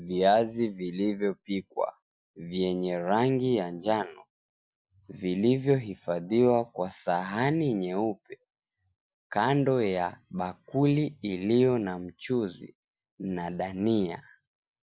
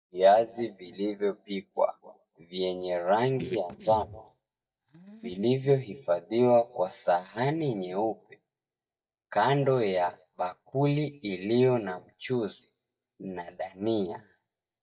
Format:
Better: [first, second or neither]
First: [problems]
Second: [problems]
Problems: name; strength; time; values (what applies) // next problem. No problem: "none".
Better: first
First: none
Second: noise reduction (neural mask model DeepFilterNet 3)